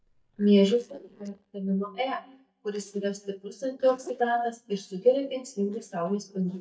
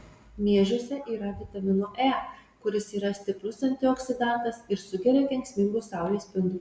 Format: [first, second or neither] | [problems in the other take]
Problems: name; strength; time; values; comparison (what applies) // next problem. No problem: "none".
second | noise reduction (neural mask model DeepFilterNet 3)